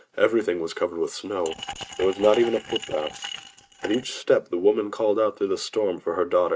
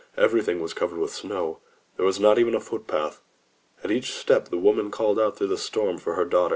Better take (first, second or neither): second